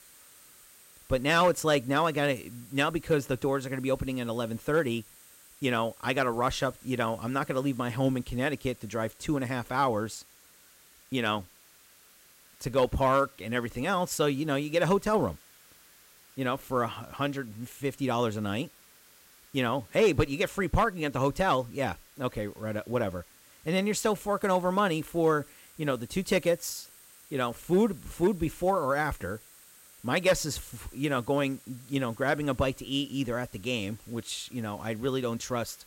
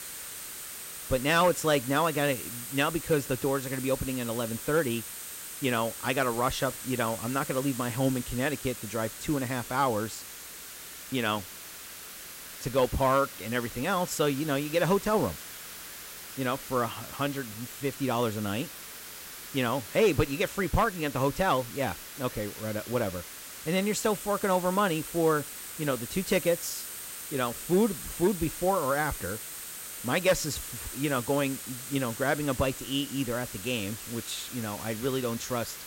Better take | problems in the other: first | hiss; loud; throughout; 9 dB below the speech; faint in the first

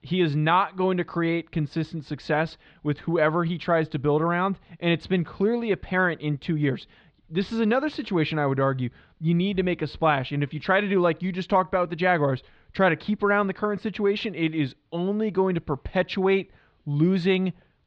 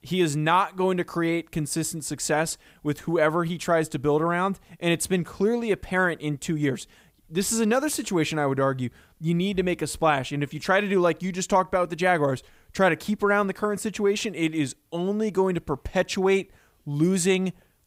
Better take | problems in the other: second | muffled; slightly; fading above 4 kHz

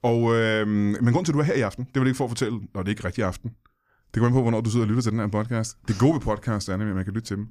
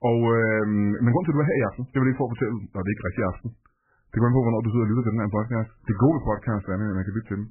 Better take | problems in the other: first | garbled, watery; badly; nothing above 2.5 kHz

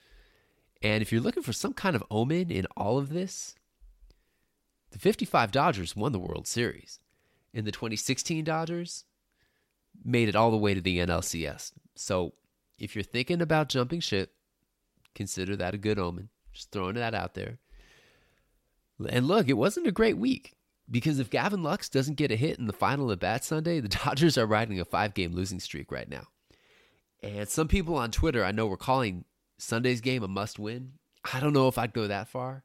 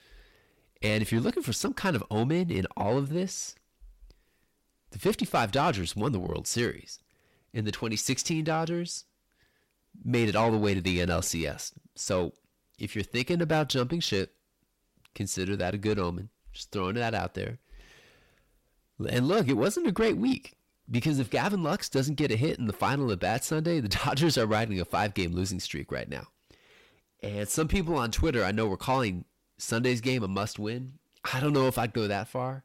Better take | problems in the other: first | distortion; slight; 10 dB below the speech

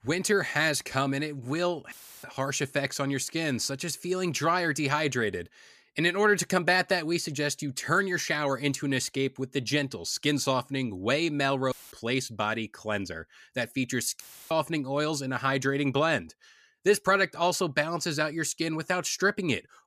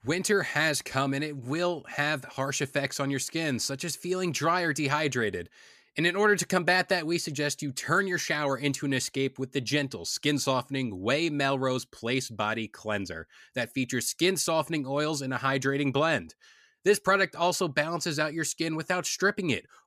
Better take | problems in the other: second | audio cutting out; filled with static; at 2 s, at 12 s and at 14 s

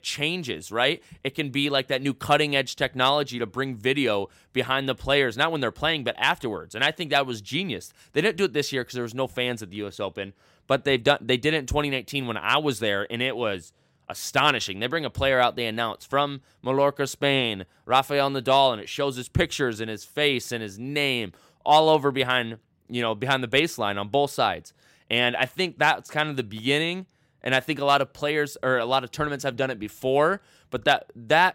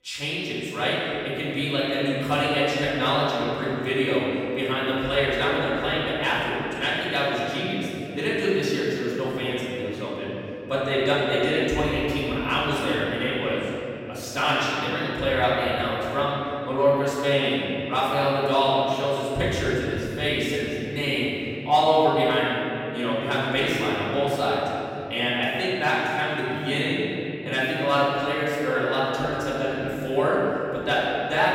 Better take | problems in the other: first | off-mic speech; far // room echo; strong; dies away in 3 s

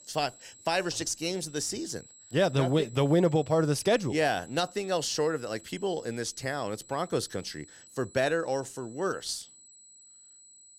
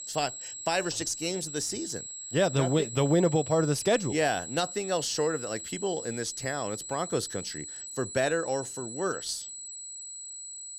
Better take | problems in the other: first | high-pitched whine; loud; throughout; 7.5 kHz, 8 dB below the speech; faint in the first

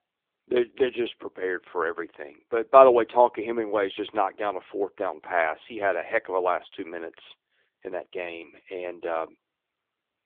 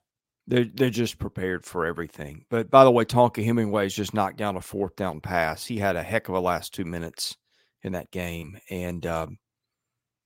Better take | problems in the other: second | phone-call audio; nothing above 3.5 kHz

